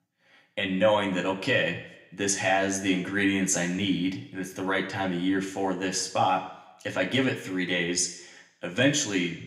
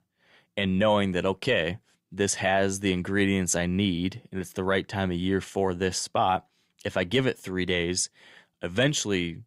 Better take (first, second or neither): second